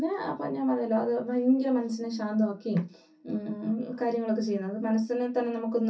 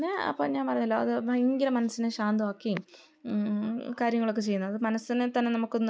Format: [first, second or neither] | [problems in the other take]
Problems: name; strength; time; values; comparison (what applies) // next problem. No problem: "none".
second | room echo; dies away in 0.3 s